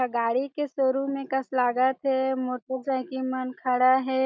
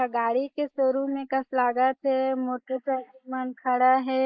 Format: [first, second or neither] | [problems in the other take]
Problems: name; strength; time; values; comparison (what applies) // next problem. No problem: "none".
first | noise reduction (neural mask model Resemble Enhance denoiser)